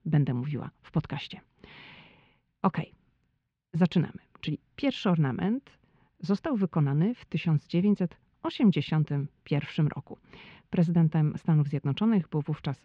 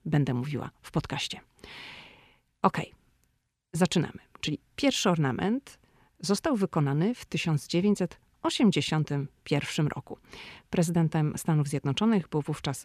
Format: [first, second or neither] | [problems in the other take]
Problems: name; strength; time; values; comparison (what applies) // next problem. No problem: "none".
second | muffled; slightly; fading above 3.5 kHz